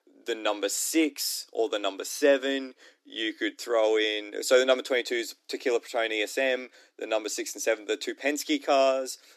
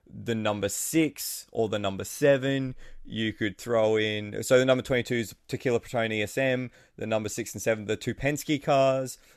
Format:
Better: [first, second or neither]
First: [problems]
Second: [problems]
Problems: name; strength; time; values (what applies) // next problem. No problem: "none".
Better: second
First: thin; very slightly; fading below 300 Hz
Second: none